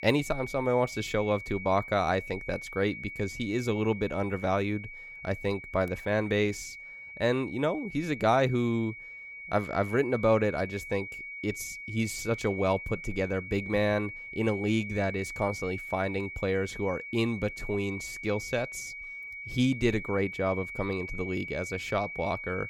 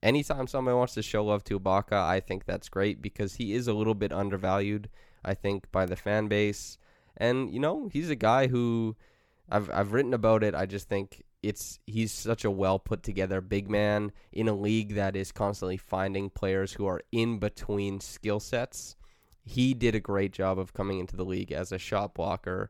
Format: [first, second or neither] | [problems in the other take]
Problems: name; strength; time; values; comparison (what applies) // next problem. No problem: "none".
second | high-pitched whine; loud; throughout; 2.5 kHz, 9 dB below the speech